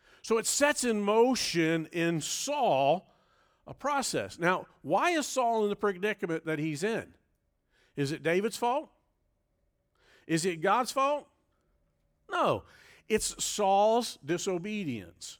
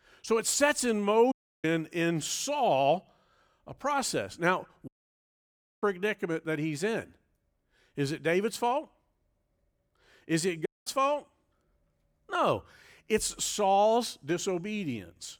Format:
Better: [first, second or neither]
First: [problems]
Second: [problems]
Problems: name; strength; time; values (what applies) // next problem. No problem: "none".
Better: first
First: none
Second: audio cutting out; at 1.5 s, at 5 s for 1 s and at 11 s